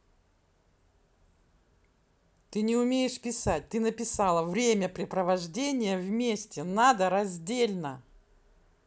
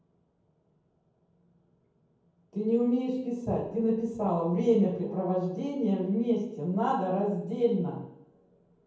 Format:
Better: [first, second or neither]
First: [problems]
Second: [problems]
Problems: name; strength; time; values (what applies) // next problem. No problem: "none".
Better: first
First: none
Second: room echo; dies away in 0.9 s